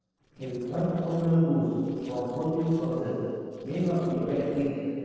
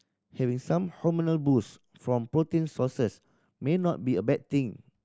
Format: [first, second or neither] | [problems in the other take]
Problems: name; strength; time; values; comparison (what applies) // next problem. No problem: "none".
second | noise reduction (neural separator model SepFormer DNS4)